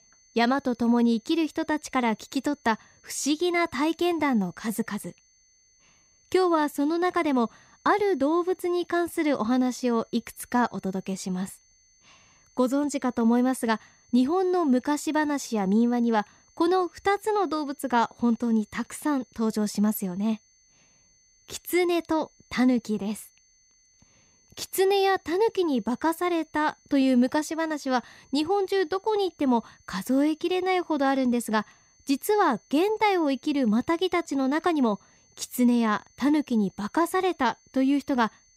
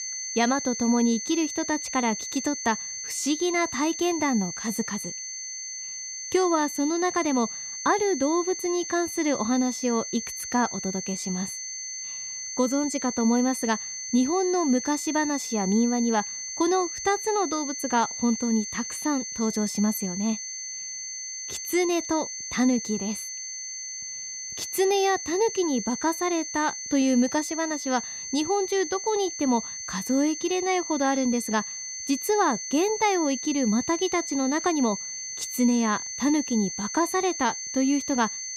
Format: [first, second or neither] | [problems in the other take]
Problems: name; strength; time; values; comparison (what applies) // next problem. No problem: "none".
first | high-pitched whine; loud; throughout; 6 kHz, 6 dB below the speech; faint in the first